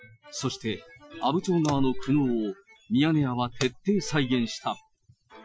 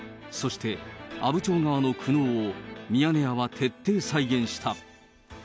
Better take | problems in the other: second | noise reduction (classical method Wiener filter)

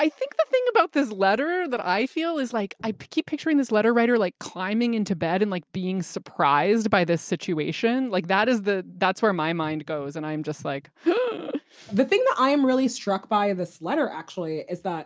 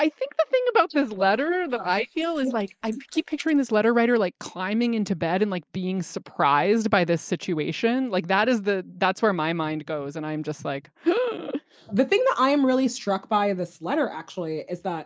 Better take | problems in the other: first | noise reduction (neural mask model Resemble Enhance denoiser)

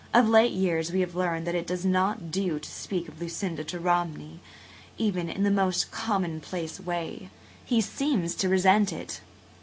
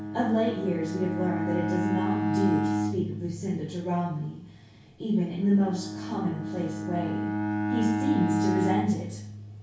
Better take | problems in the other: first | background sound (Bowed string instrument); 1 dB below the speech // room echo; dies away in 0.6 s

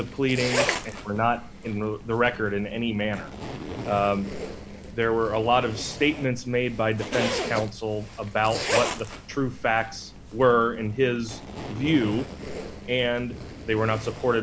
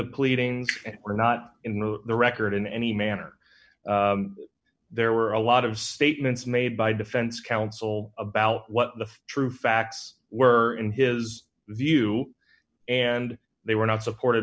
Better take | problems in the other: second | background sound (Zipper (clothing)); 8 dB below the speech

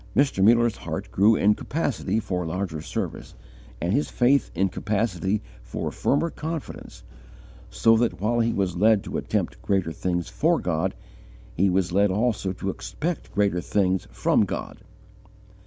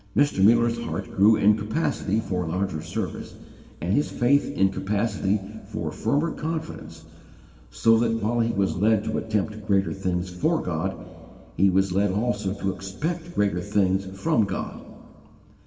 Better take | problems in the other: first | room echo; dies away in 1.9 s

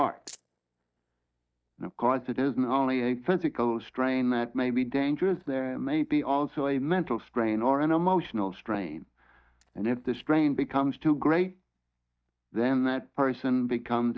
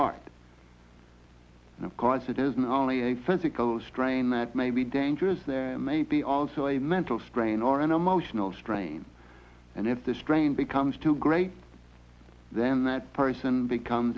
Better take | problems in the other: second | noise reduction (neural mask model DeepFilterNet 3)

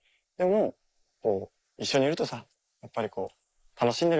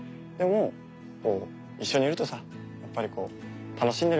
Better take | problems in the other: second | noise reduction (neural mask model Resemble Enhance denoiser)

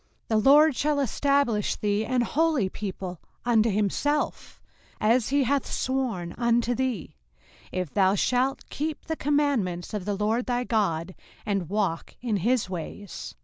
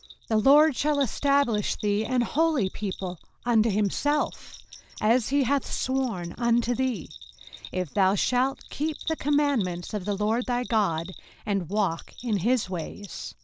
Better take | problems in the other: first | background sound (Bell); 19 dB below the speech

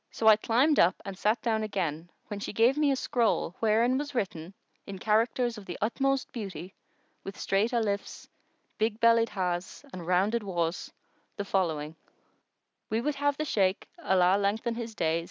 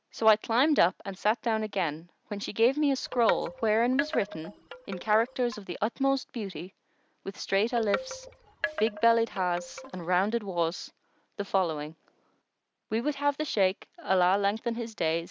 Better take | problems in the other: first | background sound (Wind chime); 10 dB below the speech

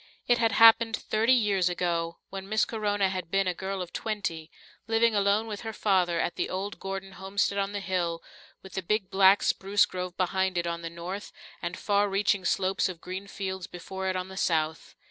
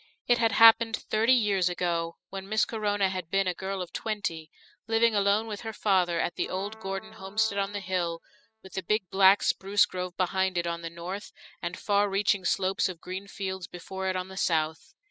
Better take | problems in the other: first | noise reduction (classical method spectral subtraction)

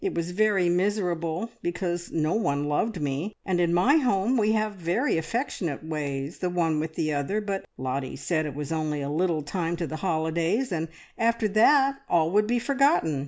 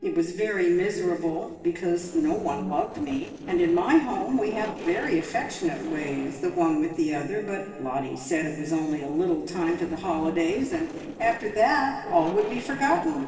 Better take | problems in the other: first | noise reduction (neural separator model SepFormer DNS4)

